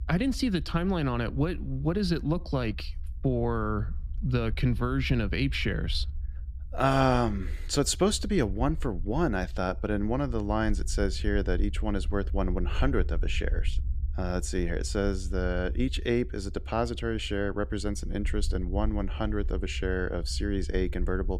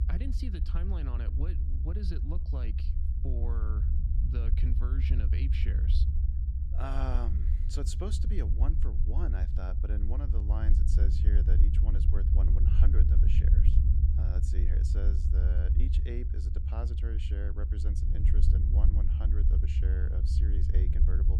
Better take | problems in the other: first | low rumble; loud; throughout; 1 dB below the speech; faint in the first

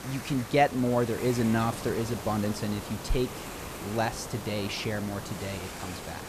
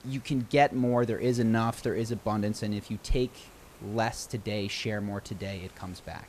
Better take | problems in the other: second | hiss; loud; throughout; 9 dB below the speech; faint in the second

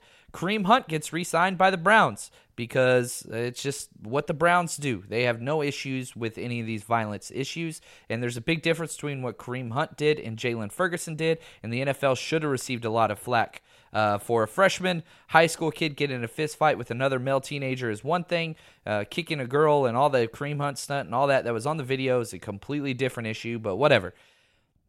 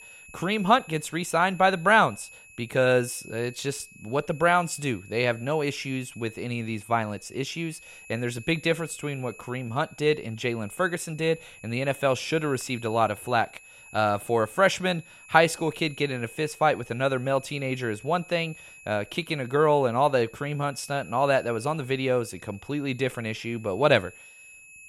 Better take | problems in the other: first | high-pitched whine; faint; throughout; 2.5 kHz, 20 dB below the speech

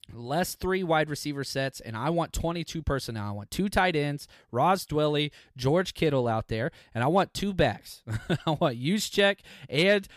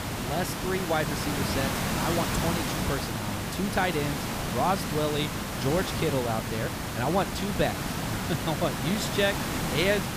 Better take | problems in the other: first | hiss; loud; throughout; as loud as the speech

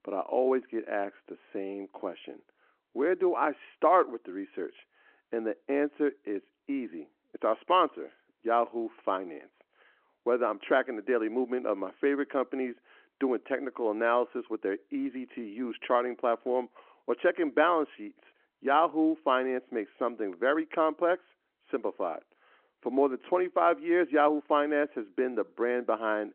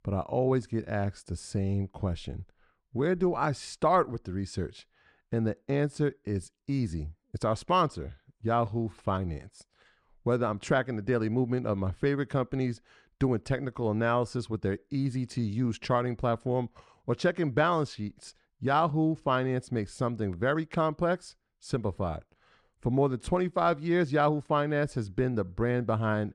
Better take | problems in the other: second | phone-call audio

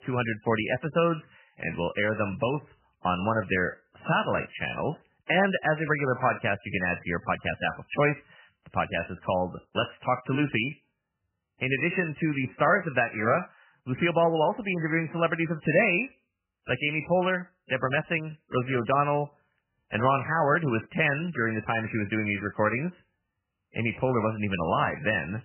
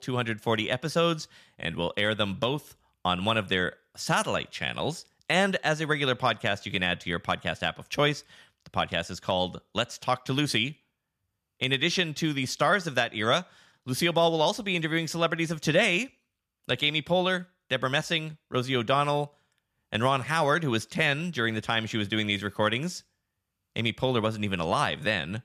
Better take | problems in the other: second | garbled, watery; badly; nothing above 3 kHz

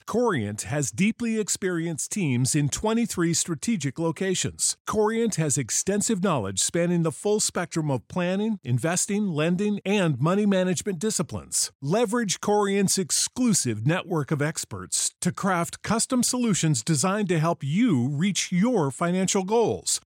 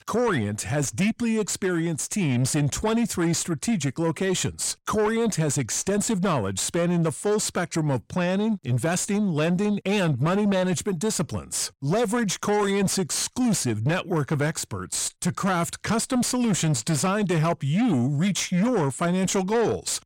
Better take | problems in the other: first | distortion; slight; 10 dB below the speech

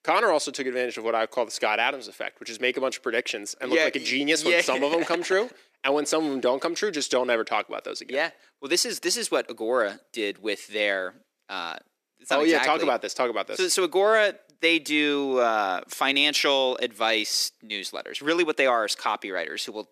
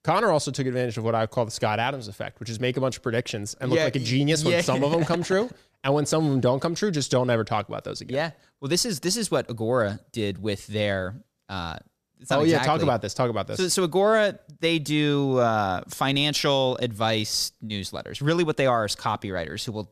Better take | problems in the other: second | thin; somewhat; fading below 300 Hz

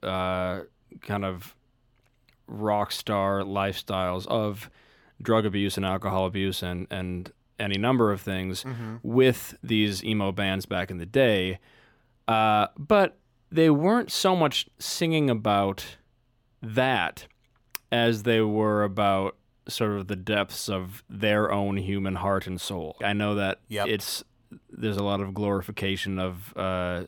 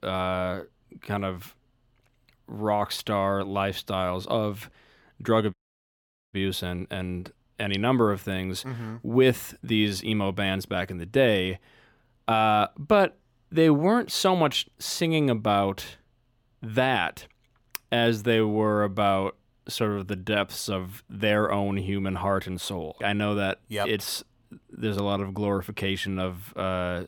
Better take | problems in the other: first | audio cutting out; at 5.5 s for 1 s

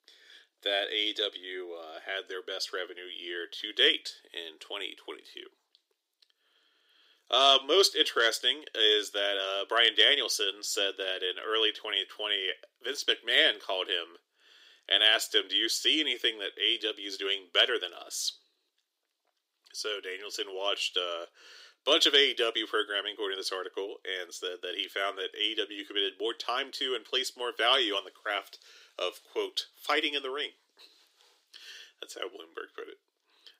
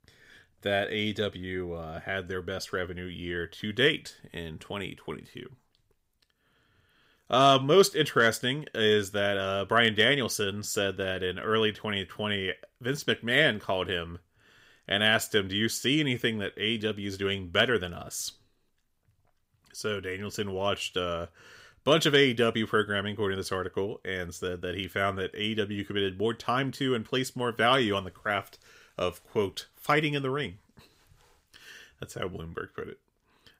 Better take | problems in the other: second | thin; very; fading below 300 Hz

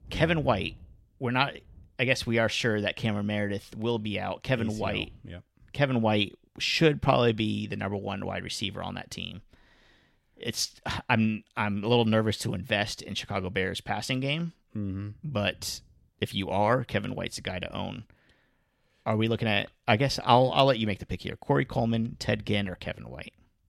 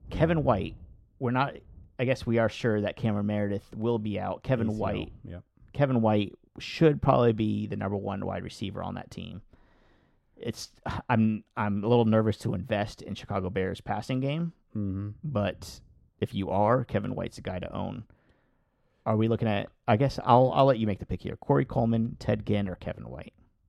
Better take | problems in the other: first | muffled; slightly; fading above 1.5 kHz

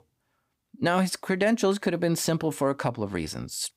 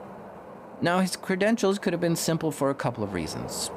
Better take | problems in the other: first | wind noise on the microphone; occasional gusts; 15 dB below the speech

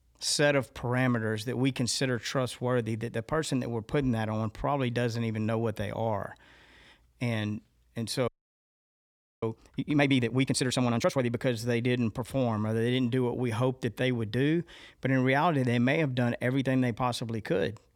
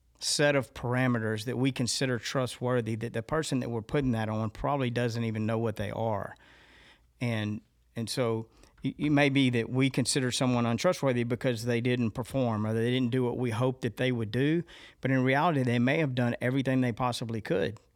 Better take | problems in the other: second | audio freezing; at 8.5 s for 1 s

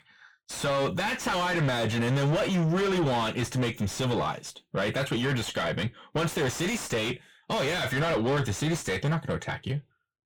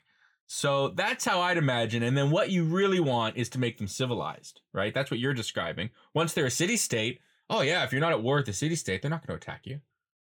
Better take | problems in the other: second | distortion; heavy; 6 dB below the speech

